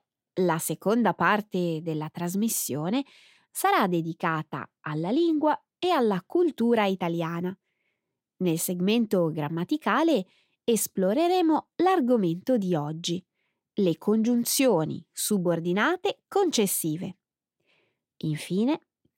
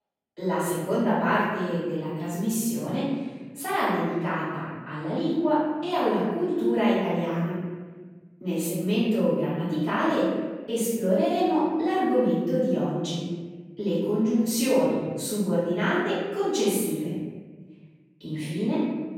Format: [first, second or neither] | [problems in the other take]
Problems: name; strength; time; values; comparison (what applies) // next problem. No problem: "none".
first | off-mic speech; far // room echo; strong; dies away in 1.4 s